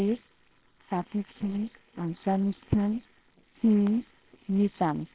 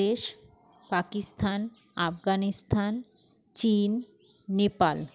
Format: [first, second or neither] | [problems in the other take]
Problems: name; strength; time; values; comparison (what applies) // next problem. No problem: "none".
second | noise reduction (neural separator model SepFormer WHAMR!)